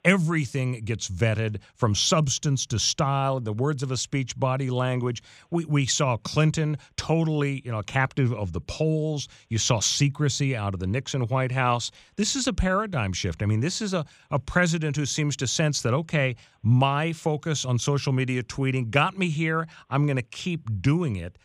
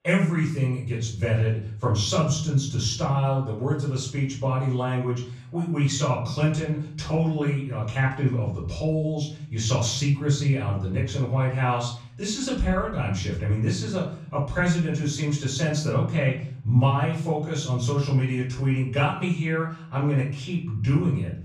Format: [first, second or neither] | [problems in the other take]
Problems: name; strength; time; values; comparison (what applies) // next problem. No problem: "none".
first | off-mic speech; far // room echo; noticeable; dies away in 0.6 s